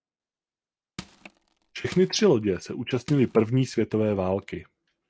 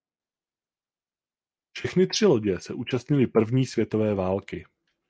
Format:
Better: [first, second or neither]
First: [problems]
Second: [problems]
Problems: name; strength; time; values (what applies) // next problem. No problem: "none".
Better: second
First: background sound (Crushing); 20 dB below the speech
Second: none